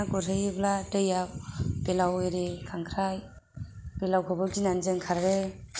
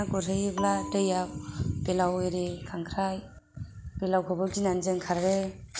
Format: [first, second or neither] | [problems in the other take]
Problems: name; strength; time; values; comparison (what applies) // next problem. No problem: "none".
first | background sound (Bell); 13 dB below the speech